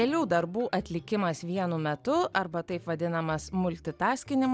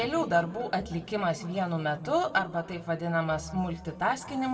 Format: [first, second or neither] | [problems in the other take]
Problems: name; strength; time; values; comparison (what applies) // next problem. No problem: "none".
first | room echo; dies away in 1.3 s